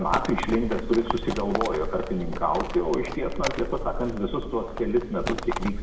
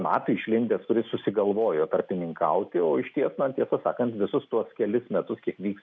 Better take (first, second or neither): second